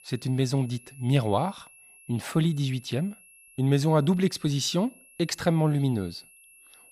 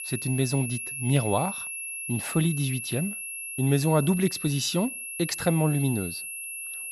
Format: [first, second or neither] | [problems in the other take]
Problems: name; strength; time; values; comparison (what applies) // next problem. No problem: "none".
first | high-pitched whine; loud; throughout; 10.5 kHz, 6 dB below the speech; faint in the first